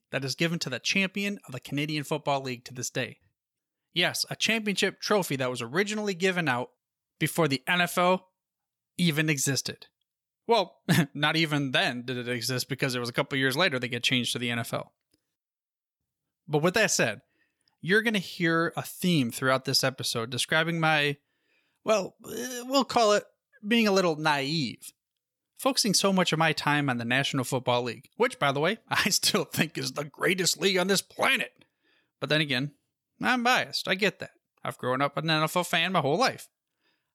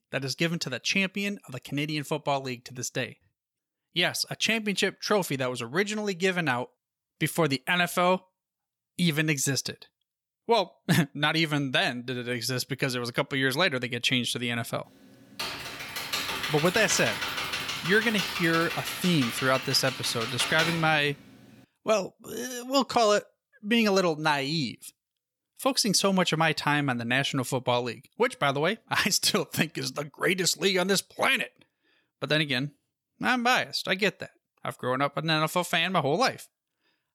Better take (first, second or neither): first